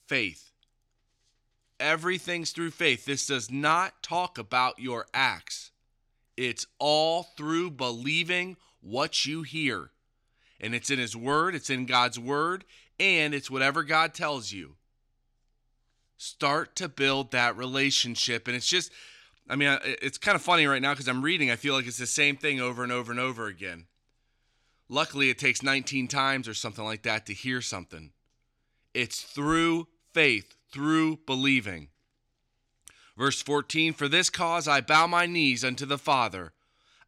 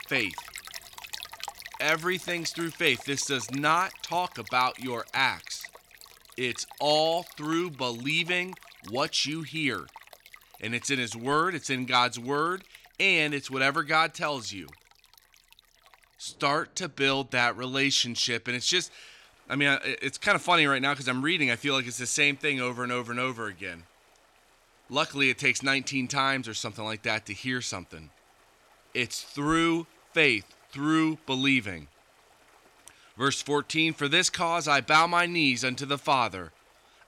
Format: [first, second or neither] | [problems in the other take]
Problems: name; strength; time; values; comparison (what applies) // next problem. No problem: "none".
first | rain or running water; noticeable; throughout; 20 dB below the speech